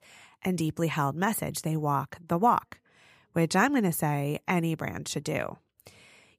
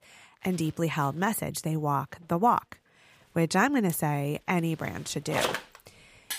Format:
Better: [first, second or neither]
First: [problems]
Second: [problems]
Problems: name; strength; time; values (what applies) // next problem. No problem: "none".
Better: first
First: none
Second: household noises; loud; throughout; 6 dB below the speech